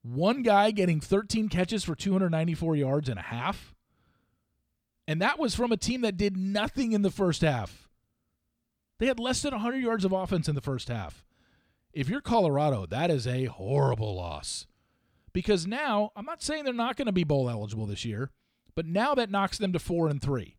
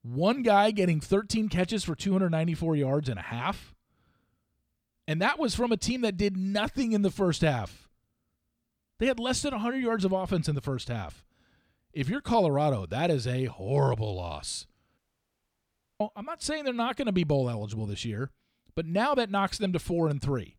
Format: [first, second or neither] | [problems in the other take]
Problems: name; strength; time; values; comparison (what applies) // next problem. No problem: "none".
first | audio cutting out; at 15 s for 1 s